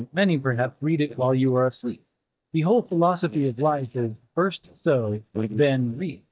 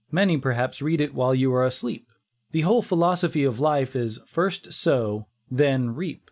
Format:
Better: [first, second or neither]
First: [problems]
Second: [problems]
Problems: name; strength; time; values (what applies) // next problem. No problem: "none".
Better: second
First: noise reduction (neural mask model DeepFilterNet 3)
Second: none